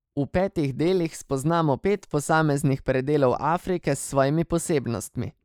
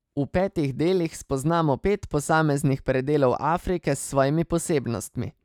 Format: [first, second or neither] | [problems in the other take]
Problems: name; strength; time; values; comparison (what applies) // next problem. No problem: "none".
second | noise reduction (neural mask model Resemble Enhance denoiser)